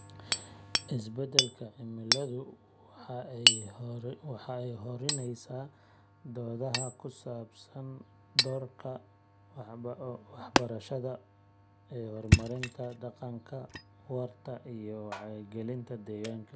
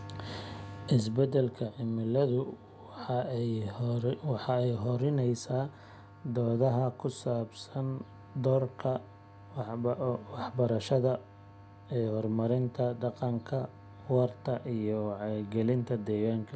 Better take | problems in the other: second | background sound (Hammer); 4 dB above the speech

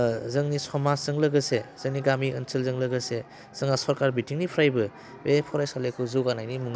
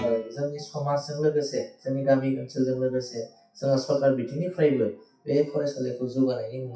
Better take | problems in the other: first | noise reduction (classical method WPE with log-MMSE)

